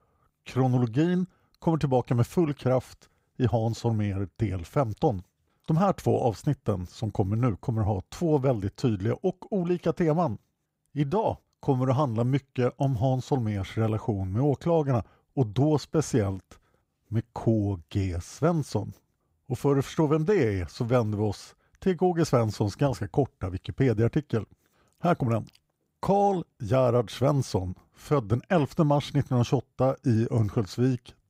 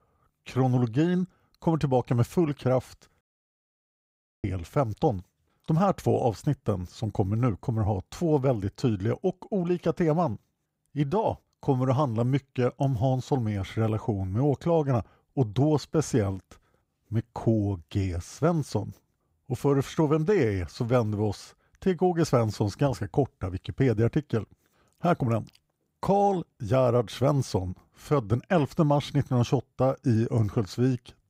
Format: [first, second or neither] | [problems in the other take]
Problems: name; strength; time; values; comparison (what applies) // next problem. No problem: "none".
first | audio cutting out; at 3 s for 1 s